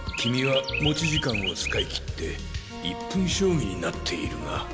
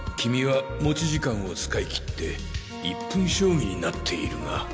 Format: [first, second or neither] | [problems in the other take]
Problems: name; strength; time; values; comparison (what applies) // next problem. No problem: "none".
second | background sound (Chirp, tweet); 7 dB below the speech